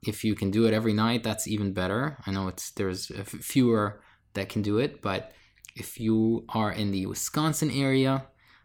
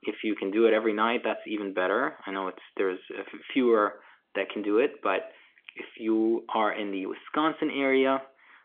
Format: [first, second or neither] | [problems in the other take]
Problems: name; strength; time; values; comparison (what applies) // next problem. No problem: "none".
first | phone-call audio; nothing above 3.5 kHz